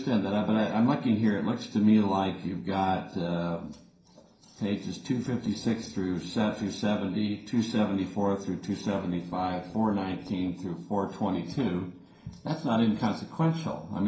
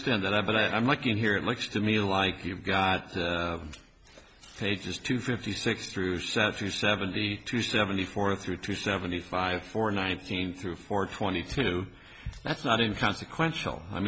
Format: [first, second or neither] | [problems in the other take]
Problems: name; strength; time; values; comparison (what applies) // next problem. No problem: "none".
second | noise reduction (neural separator model SepFormer DNS4)